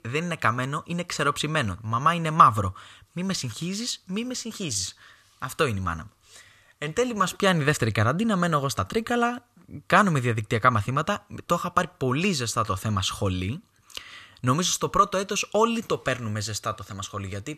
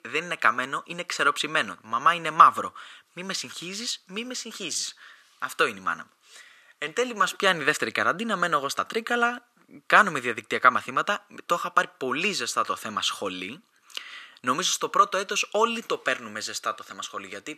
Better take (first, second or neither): first